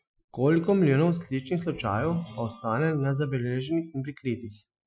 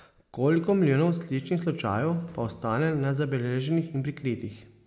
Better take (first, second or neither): second